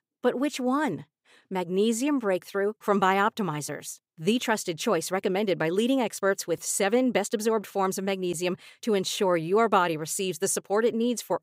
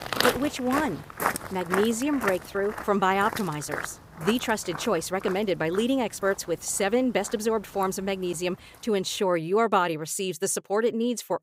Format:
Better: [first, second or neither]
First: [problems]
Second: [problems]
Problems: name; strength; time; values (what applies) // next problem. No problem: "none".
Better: first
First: none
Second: footsteps; loud; until 8 s; peak 2 dB above the speech